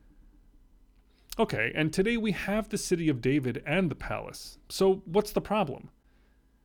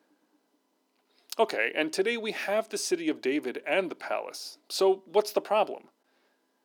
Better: first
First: none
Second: thin; somewhat; fading below 300 Hz

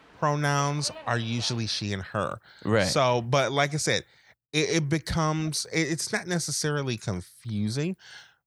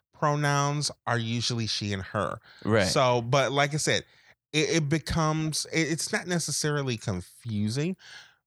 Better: second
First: train or aircraft noise; faint; until 2 s; 20 dB below the speech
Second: none

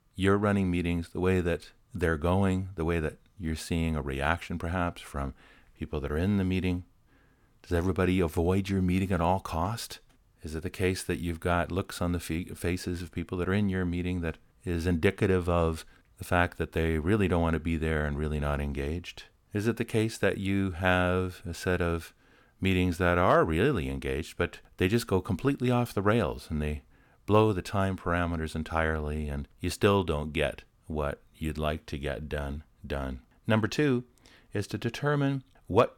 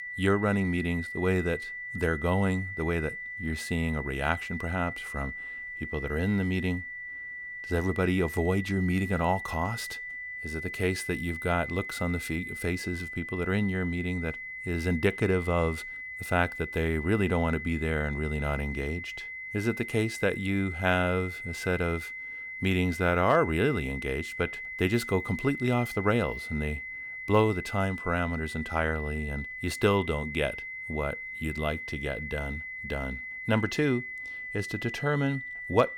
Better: first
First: none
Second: high-pitched whine; loud; throughout; 2 kHz, 7 dB below the speech

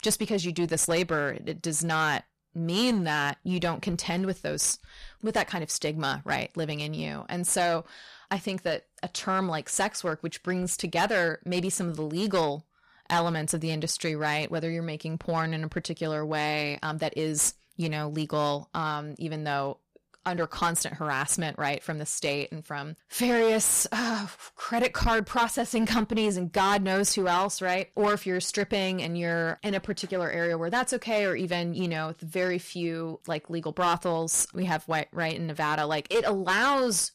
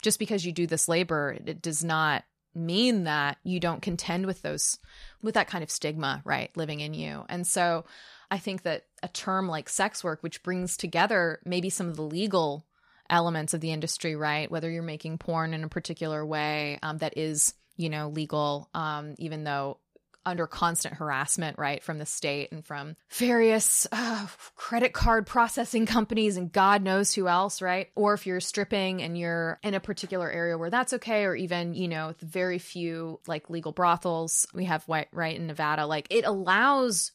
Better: second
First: distortion; slight; 6% of the sound clipped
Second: none

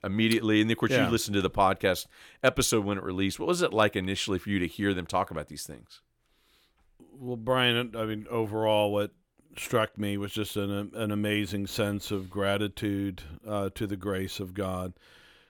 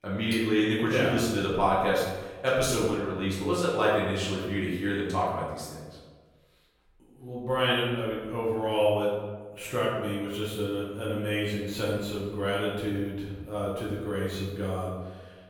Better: first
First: none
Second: room echo; noticeable; dies away in 1 s // off-mic speech; far

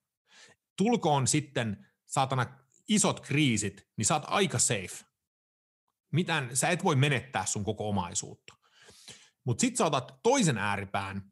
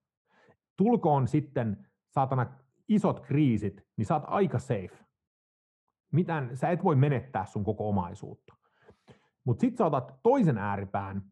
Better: first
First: none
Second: muffled; very; fading above 2.5 kHz

